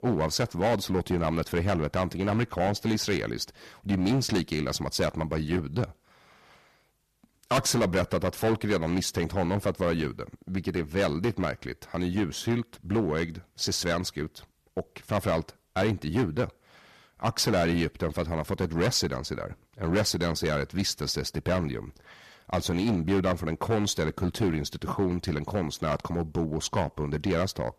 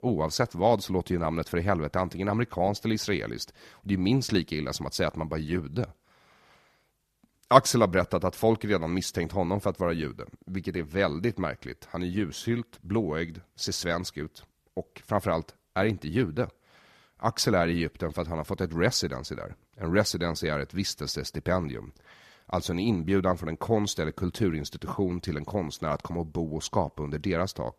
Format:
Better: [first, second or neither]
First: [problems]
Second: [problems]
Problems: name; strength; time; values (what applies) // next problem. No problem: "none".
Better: second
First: distortion; heavy; 7% of the sound clipped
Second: none